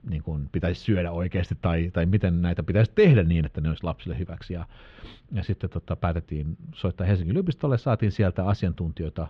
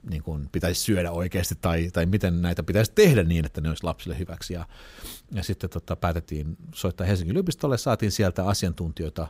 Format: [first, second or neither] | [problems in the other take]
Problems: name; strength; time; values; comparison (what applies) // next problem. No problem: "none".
second | muffled; very; fading above 3 kHz